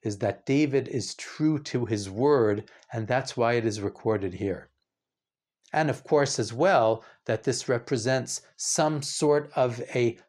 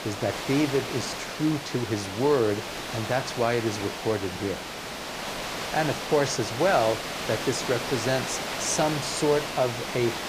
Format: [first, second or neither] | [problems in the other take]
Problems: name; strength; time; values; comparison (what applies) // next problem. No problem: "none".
first | hiss; loud; throughout; 5 dB below the speech